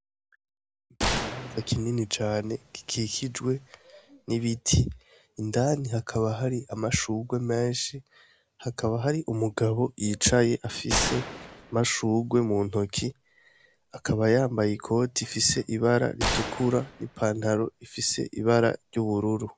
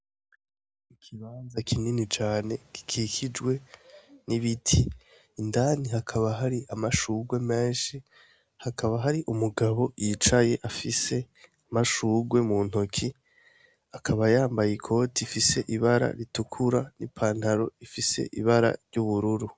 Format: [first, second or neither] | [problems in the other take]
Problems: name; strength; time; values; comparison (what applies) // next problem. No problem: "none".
second | background sound (Gunshot, gunfire); 9 dB below the speech